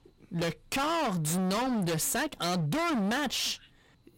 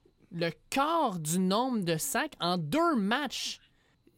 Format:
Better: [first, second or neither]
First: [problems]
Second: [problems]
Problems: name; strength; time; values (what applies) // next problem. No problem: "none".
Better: second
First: distortion; heavy; 34% of the sound clipped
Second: none